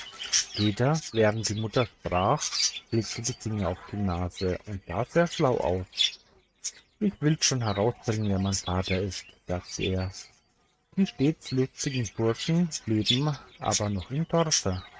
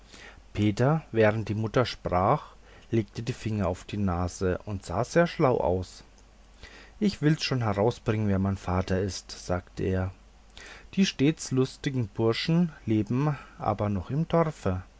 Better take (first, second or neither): second